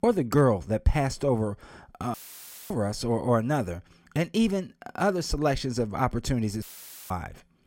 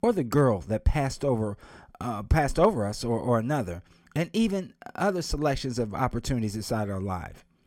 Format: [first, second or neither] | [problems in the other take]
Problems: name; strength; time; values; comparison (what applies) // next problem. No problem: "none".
second | audio cutting out; filled with static; at 2 s for 0.5 s and at 6.5 s